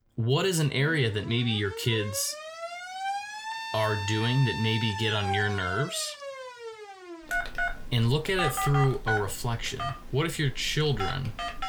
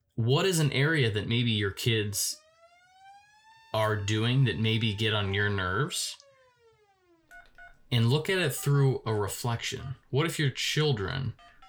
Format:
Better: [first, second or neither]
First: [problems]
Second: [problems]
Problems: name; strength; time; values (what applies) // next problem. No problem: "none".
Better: second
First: alarms or sirens; loud; throughout; 7 dB below the speech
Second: alarms or sirens; faint; throughout; 30 dB below the speech